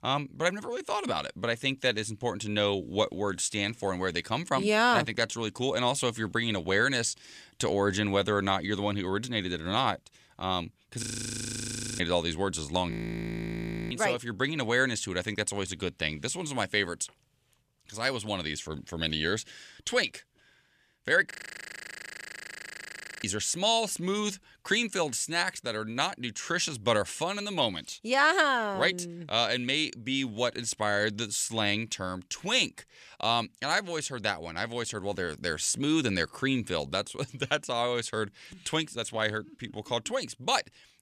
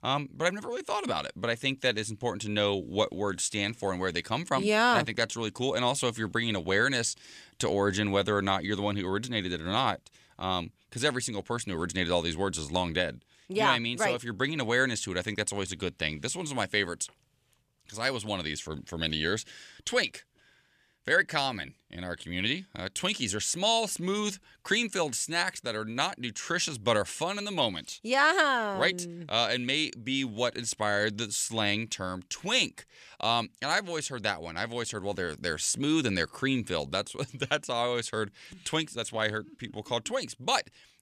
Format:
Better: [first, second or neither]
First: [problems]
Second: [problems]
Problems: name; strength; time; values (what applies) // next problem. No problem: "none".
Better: second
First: audio freezing; at 11 s for 1 s, at 13 s for 1 s and at 21 s for 2 s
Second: none